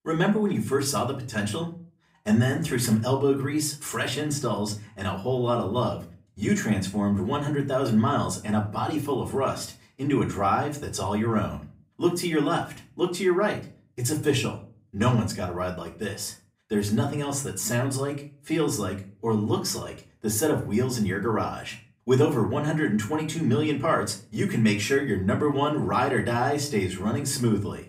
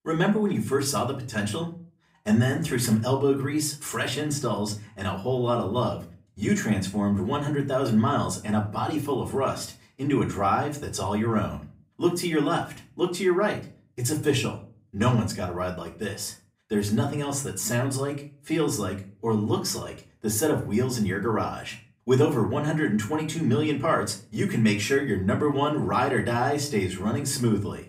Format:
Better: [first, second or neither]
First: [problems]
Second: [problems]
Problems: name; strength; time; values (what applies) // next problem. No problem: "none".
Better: neither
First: off-mic speech; far // room echo; very slight; dies away in 0.3 s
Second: off-mic speech; far // room echo; very slight; dies away in 0.3 s